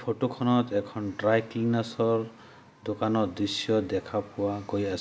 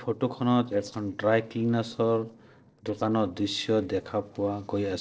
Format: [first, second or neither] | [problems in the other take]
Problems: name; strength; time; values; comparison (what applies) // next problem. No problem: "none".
first | noise reduction (neural separator model SepFormer DNS4)